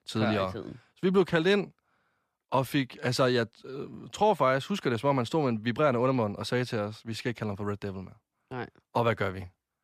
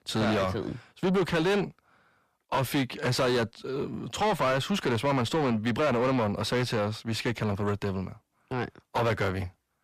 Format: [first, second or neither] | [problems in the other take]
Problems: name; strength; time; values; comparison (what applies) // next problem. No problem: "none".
first | distortion; heavy; 6 dB below the speech